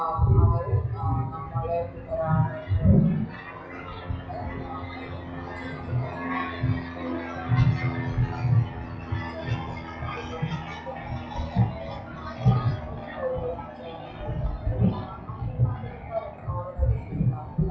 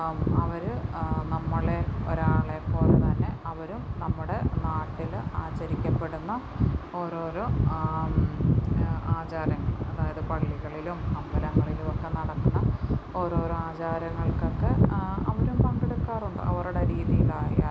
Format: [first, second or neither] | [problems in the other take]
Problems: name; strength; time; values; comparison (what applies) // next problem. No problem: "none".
second | noise reduction (classical method WPE with log-MMSE)